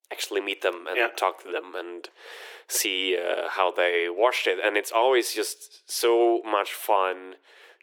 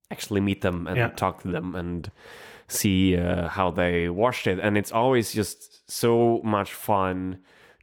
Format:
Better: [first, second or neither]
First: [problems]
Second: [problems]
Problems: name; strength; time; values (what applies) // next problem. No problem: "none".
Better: second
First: thin; very; fading below 350 Hz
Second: none